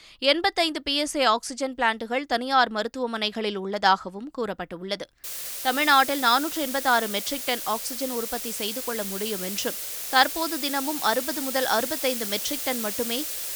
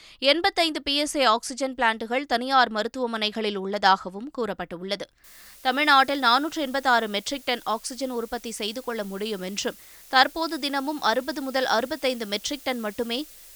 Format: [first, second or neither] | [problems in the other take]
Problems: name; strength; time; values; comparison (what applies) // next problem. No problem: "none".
second | hiss; loud; from 5 s on; 4 dB below the speech; faint in the second